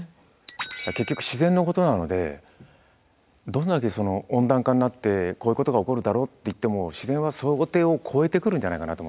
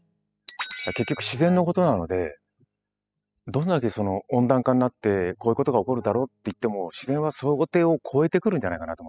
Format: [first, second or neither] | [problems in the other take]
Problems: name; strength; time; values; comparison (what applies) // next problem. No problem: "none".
first | noise reduction (classical method spectral subtraction)